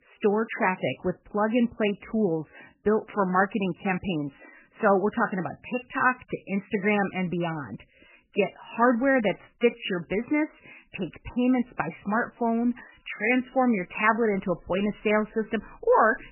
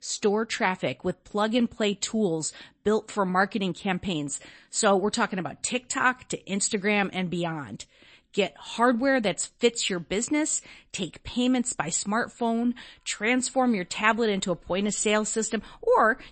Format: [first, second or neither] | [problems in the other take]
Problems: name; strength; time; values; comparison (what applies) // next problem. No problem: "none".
second | garbled, watery; badly; nothing above 3 kHz; slightly in the second